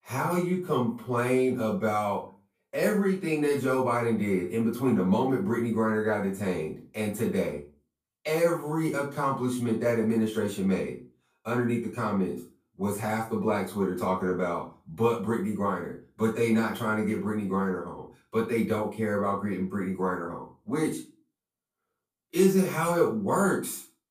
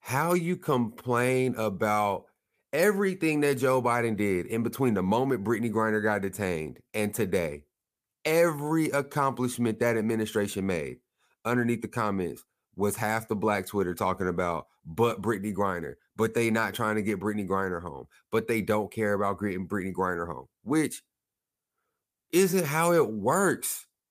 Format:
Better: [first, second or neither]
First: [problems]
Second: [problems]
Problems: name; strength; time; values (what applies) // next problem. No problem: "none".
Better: second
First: off-mic speech; far // room echo; slight; dies away in 0.3 s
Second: none